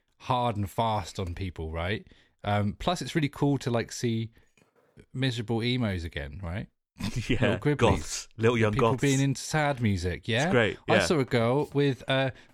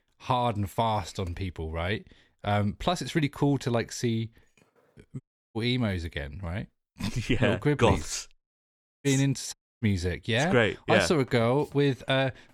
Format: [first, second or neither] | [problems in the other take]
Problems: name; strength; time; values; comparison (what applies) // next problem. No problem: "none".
first | audio cutting out; at 5 s, at 8.5 s for 0.5 s and at 9.5 s